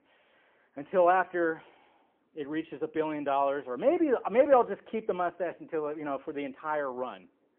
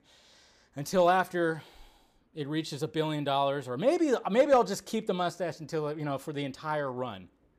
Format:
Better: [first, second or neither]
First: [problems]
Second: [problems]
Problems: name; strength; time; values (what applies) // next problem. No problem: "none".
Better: second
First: phone-call audio; poor line; nothing above 3.5 kHz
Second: none